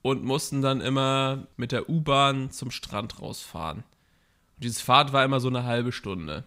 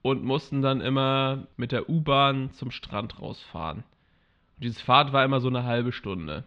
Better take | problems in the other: first | muffled; slightly; fading above 3.5 kHz

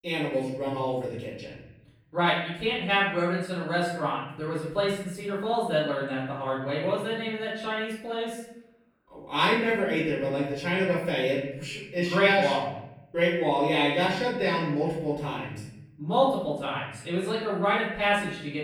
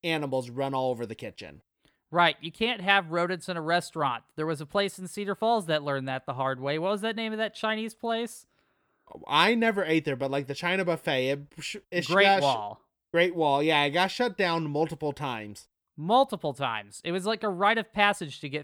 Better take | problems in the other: second | off-mic speech; far // room echo; noticeable; dies away in 1 s

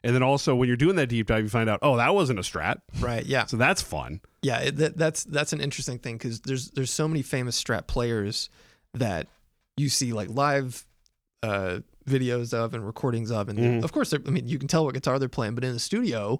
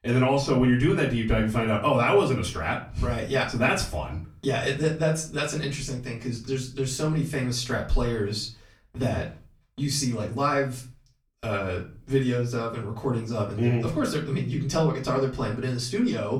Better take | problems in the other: first | off-mic speech; far // room echo; slight; dies away in 0.3 s

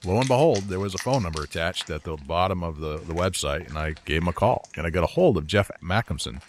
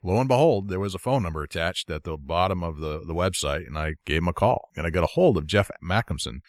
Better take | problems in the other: second | background music; noticeable; throughout; 15 dB below the speech

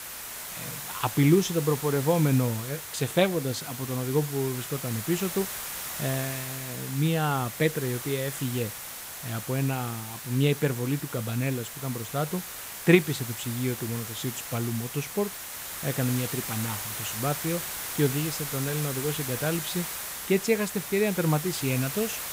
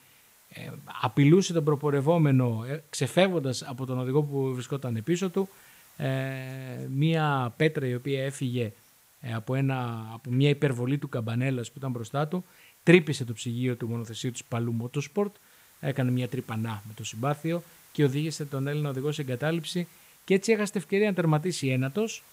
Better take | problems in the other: second | hiss; loud; throughout; 6 dB below the speech; faint in the second

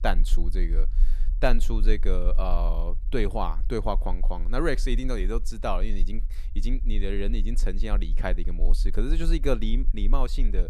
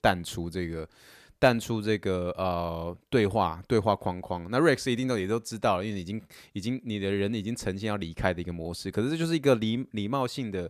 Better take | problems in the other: second | low rumble; faint; throughout; 25 dB below the speech

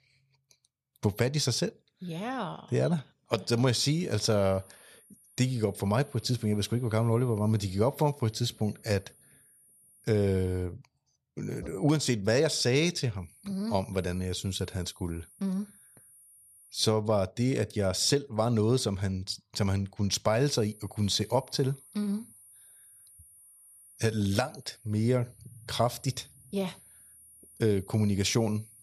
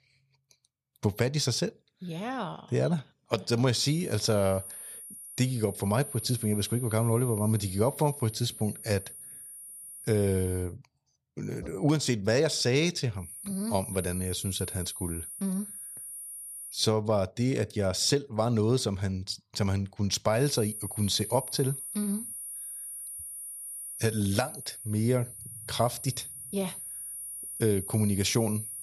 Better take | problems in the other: first | high-pitched whine; loud; from 4 to 11 s, from 13 to 17 s and from 20 s on; 9.5 kHz, 9 dB below the speech; faint in the first

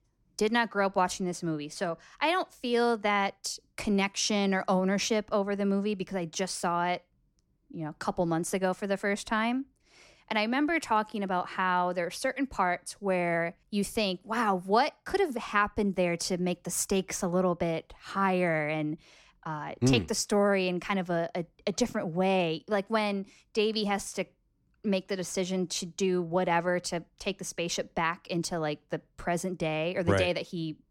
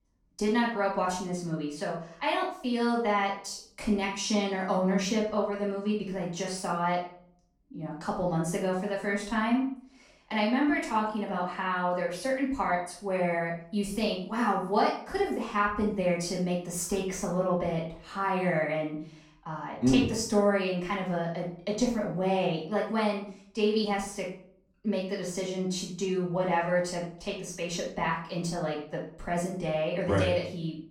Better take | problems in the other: first | off-mic speech; far // room echo; noticeable; dies away in 0.4 s

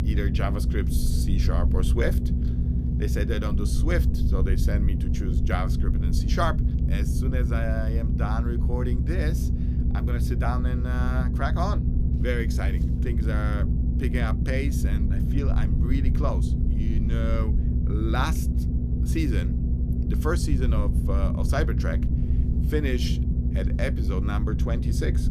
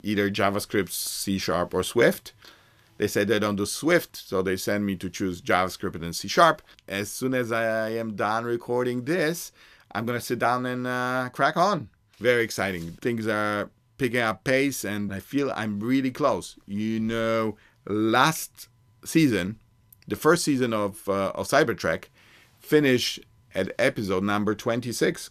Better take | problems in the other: second | low rumble; loud; throughout; 5 dB below the speech

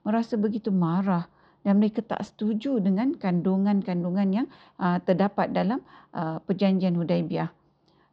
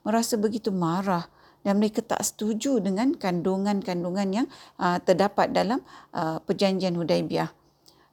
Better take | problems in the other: second | muffled; slightly; fading above 3.5 kHz

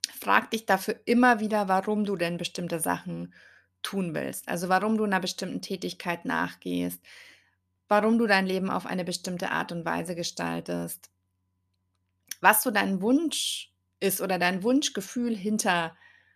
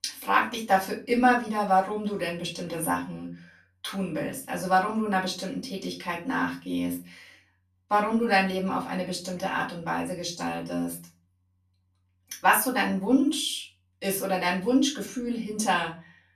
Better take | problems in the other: first | room echo; slight; dies away in 0.3 s // off-mic speech; far

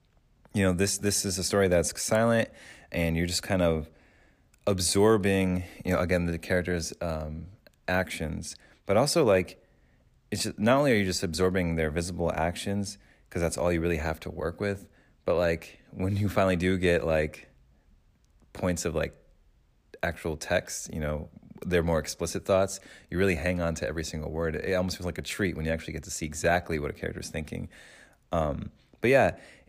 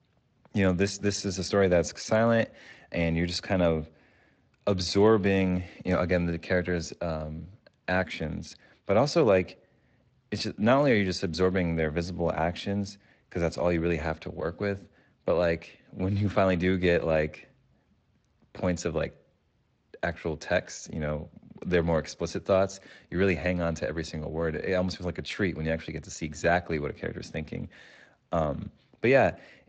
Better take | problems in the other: first | garbled, watery; slightly; nothing above 7.5 kHz

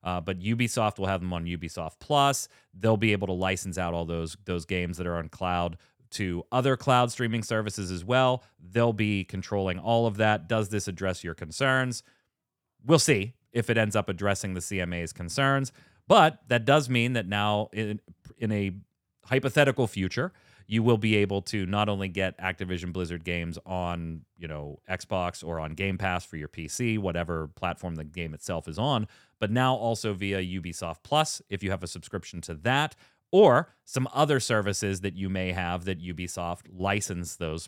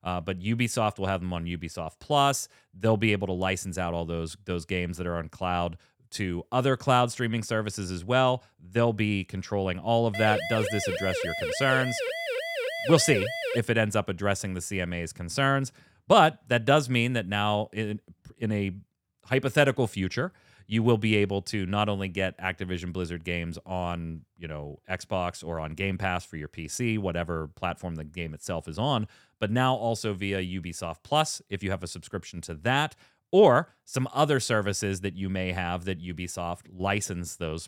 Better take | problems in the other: first | siren; noticeable; from 10 to 14 s; peak 2 dB below the speech

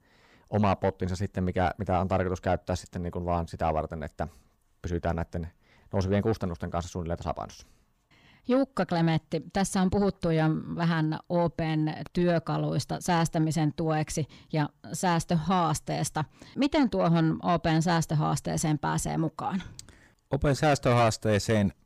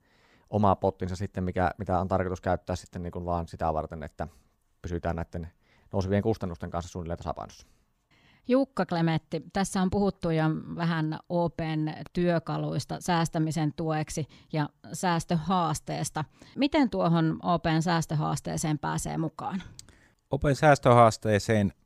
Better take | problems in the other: second | distortion; slight; 10 dB below the speech

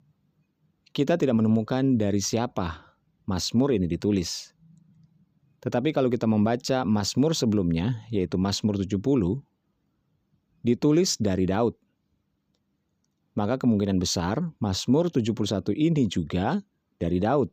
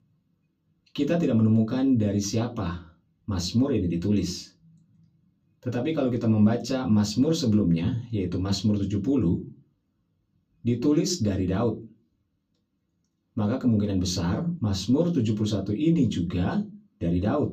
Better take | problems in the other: first | off-mic speech; far // room echo; very slight; dies away in 0.2 s

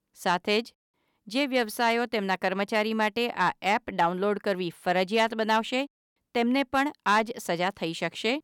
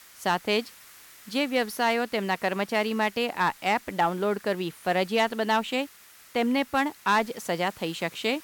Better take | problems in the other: first | hiss; faint; throughout; 20 dB below the speech

